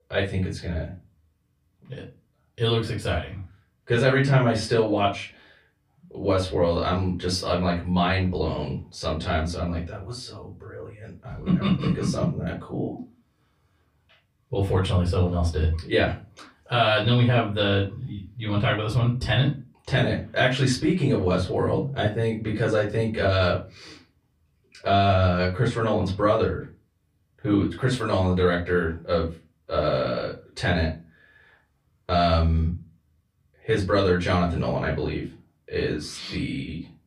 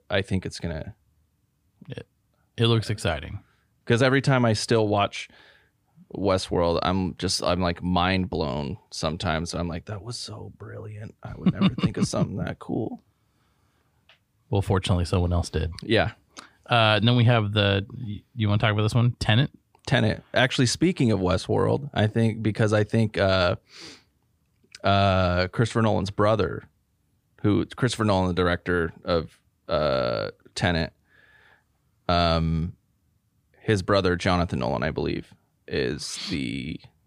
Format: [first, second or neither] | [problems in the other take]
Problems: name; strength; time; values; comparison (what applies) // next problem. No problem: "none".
second | off-mic speech; far // room echo; slight; dies away in 0.3 s